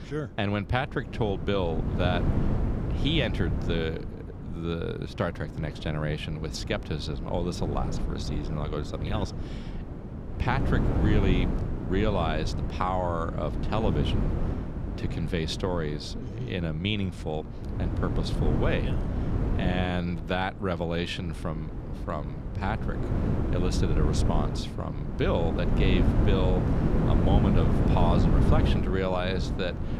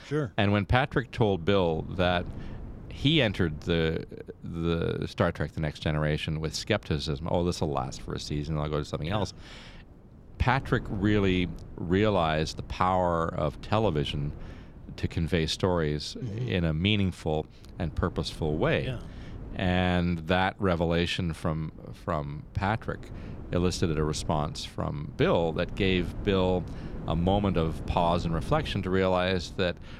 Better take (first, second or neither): second